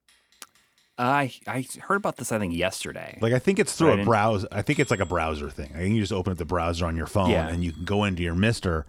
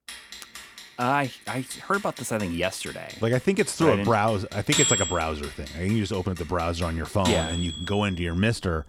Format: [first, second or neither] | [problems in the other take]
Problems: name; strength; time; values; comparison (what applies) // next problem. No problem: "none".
first | household noises; loud; throughout; 6 dB below the speech; faint in the first